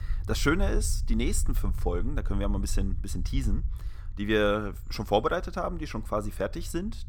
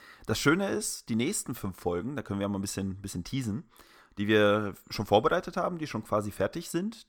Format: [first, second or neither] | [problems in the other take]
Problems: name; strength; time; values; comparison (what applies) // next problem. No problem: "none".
second | low rumble; faint; throughout; 25 dB below the speech